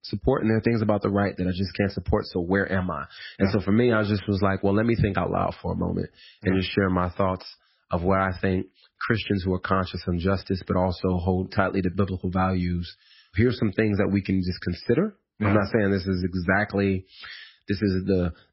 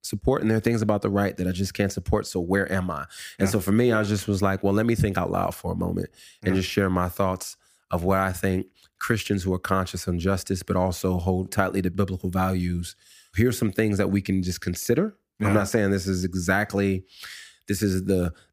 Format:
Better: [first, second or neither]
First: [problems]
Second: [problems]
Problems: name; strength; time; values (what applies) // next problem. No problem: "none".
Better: second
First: garbled, watery; badly; nothing above 5.5 kHz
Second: none